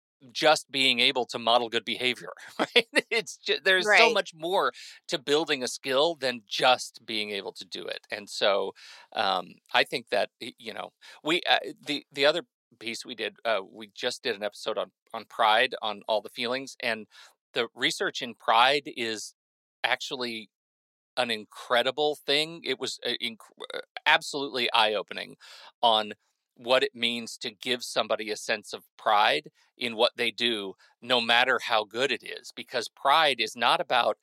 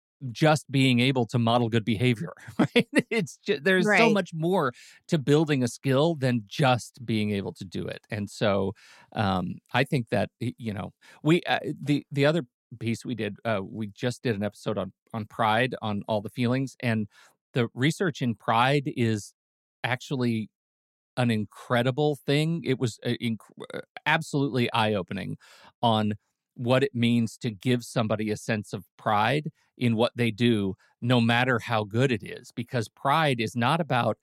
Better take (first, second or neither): second